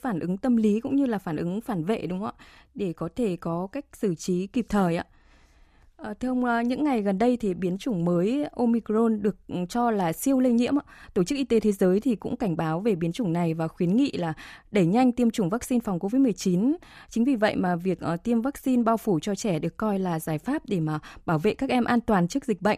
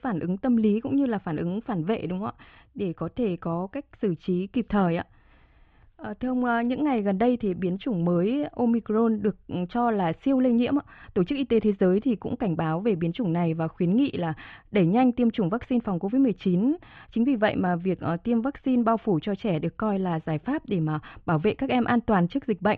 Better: first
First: none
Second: muffled; very; fading above 3.5 kHz

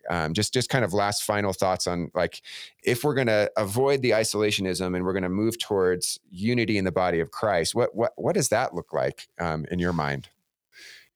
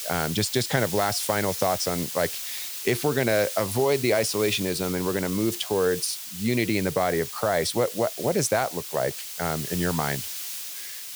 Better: first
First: none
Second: hiss; loud; throughout; 7 dB below the speech

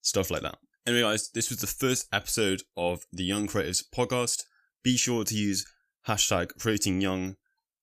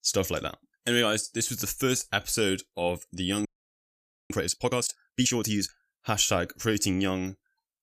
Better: first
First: none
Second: audio freezing; at 3.5 s for 1 s

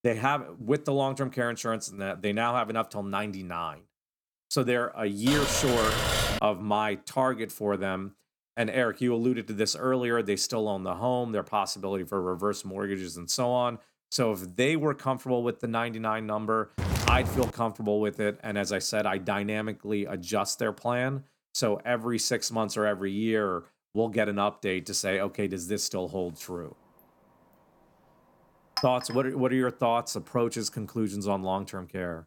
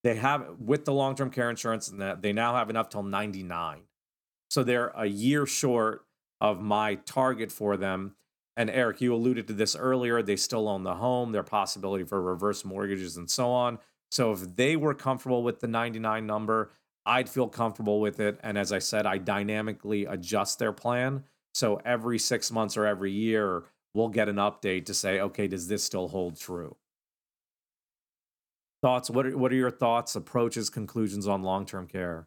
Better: second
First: keyboard typing; loud; from 5.5 to 6.5 s; peak 3 dB above the speech // footsteps; loud; at 17 s; peak 2 dB above the speech // clattering dishes; noticeable; at 29 s; peak 5 dB below the speech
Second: none

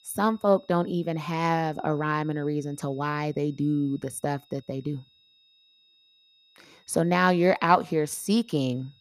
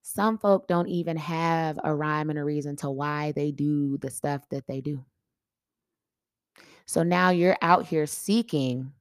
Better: second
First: high-pitched whine; faint; throughout; 4 kHz, 30 dB below the speech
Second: none

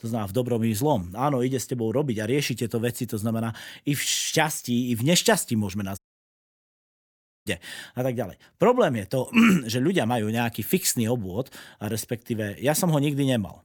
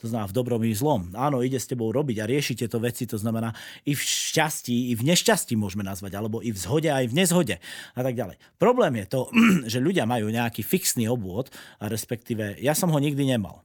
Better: second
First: audio cutting out; at 6 s for 1.5 s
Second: none

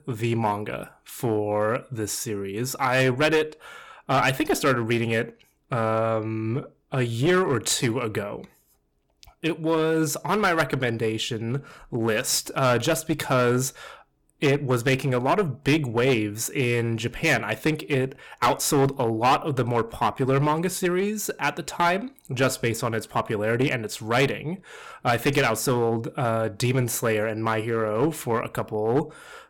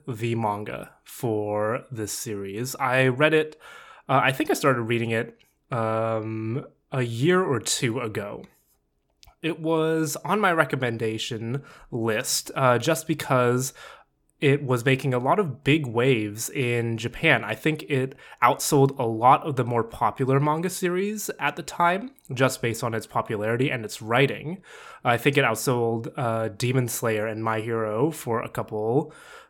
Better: second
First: distortion; slight; 6% of the sound clipped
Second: none

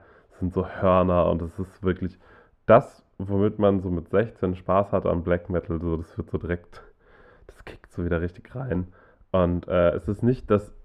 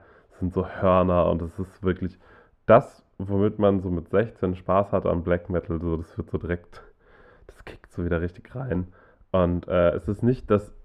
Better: neither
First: muffled; very; fading above 2.5 kHz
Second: muffled; very; fading above 2.5 kHz

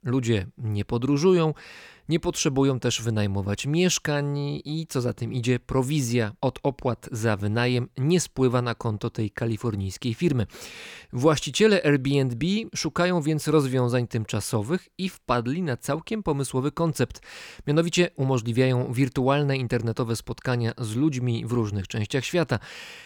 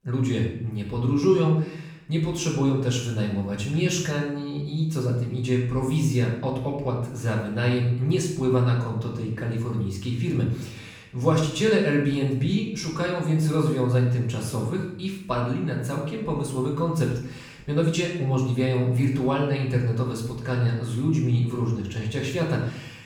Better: first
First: none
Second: off-mic speech; far // room echo; noticeable; dies away in 0.7 s

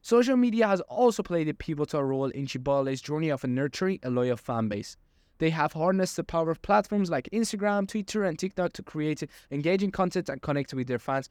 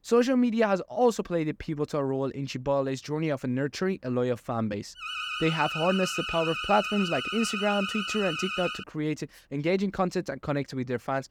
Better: first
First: none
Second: alarm; noticeable; from 5 to 9 s; peak 2 dB below the speech

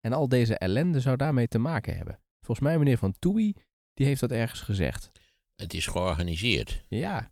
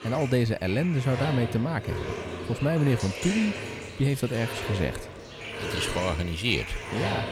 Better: first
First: none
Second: household noises; loud; throughout; 7 dB below the speech

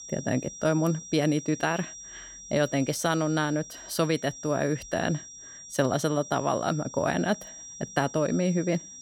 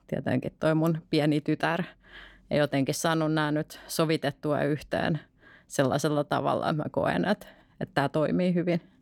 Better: second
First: high-pitched whine; noticeable; throughout; 5.5 kHz, 15 dB below the speech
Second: none

